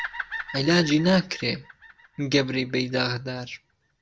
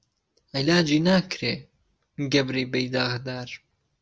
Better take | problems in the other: second | background sound (Bird vocalization, bird call, bird song); 15 dB below the speech

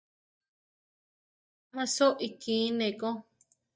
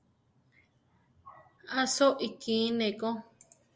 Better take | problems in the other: second | noise reduction (neural mask model DeepFilterNet 3)

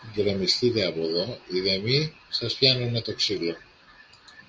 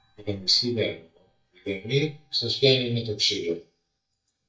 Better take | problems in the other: first | noise reduction (neural mask model DeepFilterNet 3)

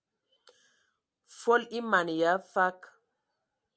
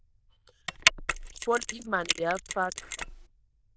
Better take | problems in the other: first | noise reduction (neural diffusion model UNIVERSE++)

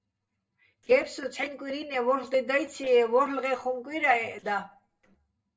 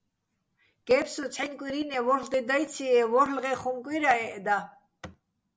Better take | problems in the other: second | noise reduction (neural separator model SepFormer DNS4)

